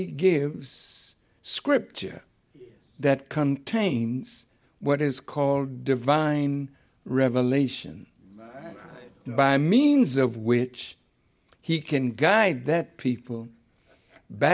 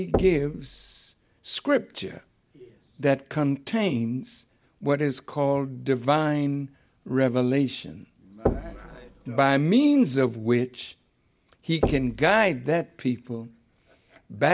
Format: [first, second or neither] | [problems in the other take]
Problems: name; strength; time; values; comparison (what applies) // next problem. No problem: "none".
first | background sound (Knock); 7 dB below the speech